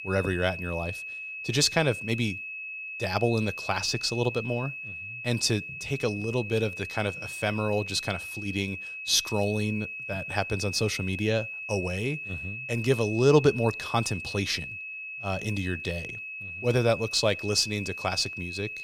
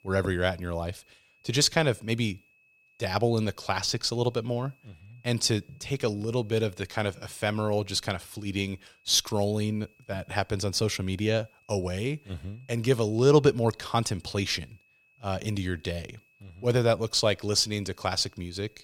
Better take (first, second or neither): second